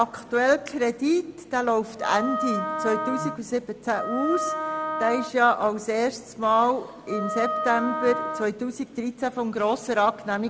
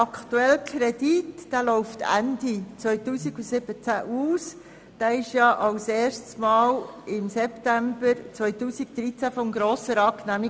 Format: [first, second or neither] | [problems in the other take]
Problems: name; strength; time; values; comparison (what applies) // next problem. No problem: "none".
second | background sound (Wind instrument, woodwind instrument); 4 dB below the speech